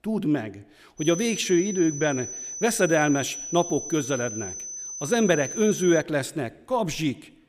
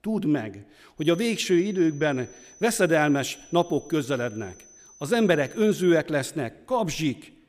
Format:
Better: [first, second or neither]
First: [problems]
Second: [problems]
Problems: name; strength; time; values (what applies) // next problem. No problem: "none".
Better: second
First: high-pitched whine; loud; from 1 to 6 s; 6 kHz, 8 dB below the speech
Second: high-pitched whine; faint; from 1 to 6 s; 6 kHz, 25 dB below the speech